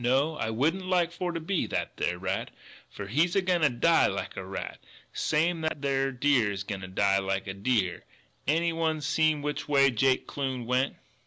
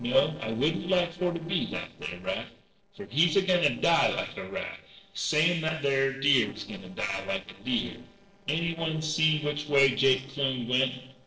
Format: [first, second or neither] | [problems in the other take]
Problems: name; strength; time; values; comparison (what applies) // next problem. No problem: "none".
first | noise reduction (neural separator model SepFormer DNS4)